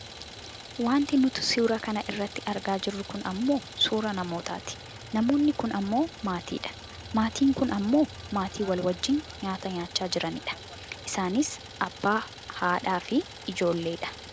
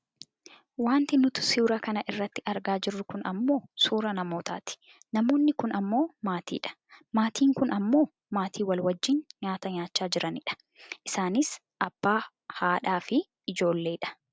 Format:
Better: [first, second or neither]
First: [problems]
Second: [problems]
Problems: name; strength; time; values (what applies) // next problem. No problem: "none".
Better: second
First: background sound (Idling); 14 dB below the speech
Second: none